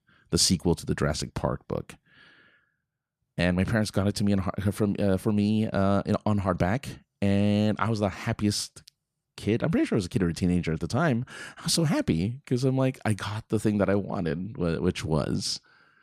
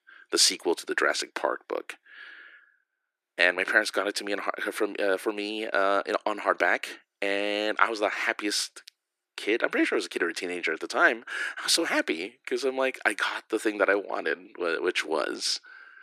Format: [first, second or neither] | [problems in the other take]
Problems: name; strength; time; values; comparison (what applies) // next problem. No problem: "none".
first | thin; very; fading below 350 Hz